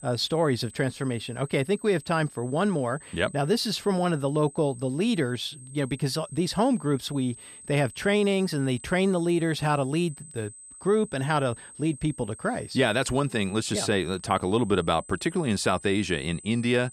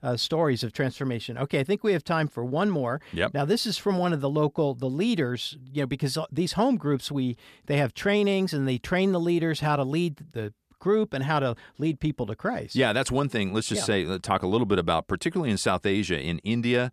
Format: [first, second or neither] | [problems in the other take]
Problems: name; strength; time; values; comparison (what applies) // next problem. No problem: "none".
second | high-pitched whine; noticeable; throughout; 8 kHz, 20 dB below the speech